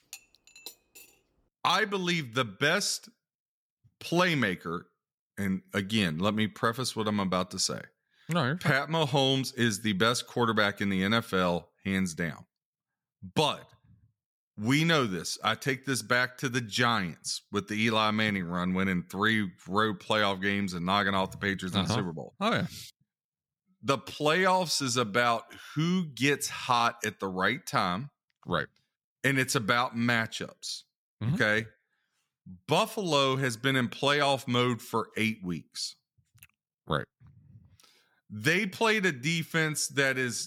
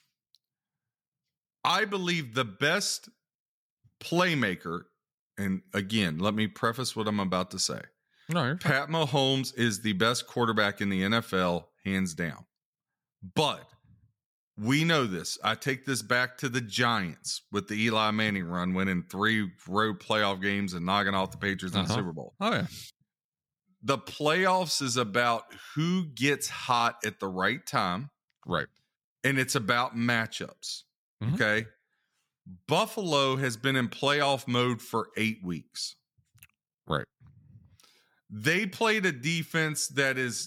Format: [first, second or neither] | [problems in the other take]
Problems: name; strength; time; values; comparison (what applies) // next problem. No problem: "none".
second | clattering dishes; faint; at the start; peak 20 dB below the speech